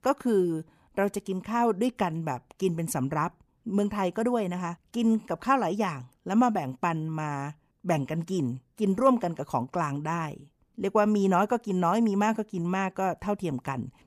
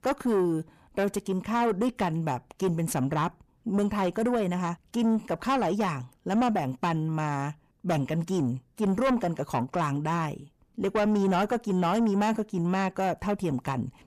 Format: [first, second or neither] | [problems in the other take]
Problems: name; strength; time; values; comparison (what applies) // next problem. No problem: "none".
first | distortion; slight; 10 dB below the speech